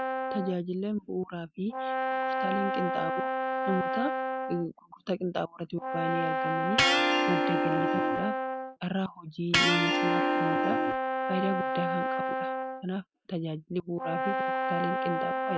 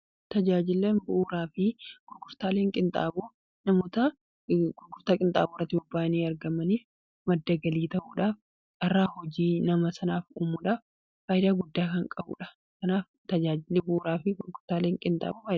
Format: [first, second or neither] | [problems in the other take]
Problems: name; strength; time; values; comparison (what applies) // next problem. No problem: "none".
second | background sound (Brass instrument + Electric guitar); 4 dB above the speech